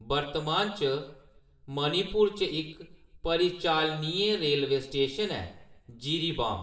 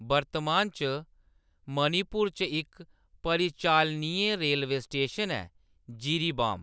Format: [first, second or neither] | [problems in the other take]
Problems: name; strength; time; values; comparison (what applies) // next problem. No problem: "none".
second | room echo; dies away in 0.6 s